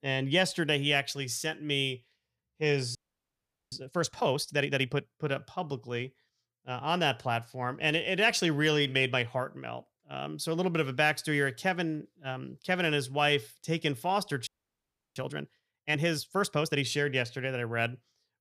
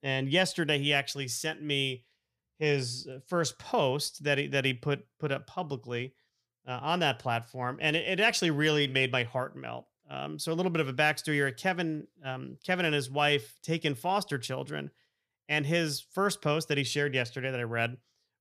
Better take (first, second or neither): second